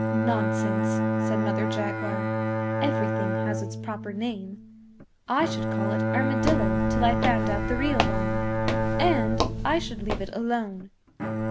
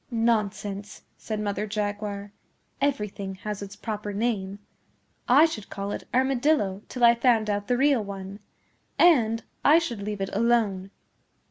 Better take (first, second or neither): second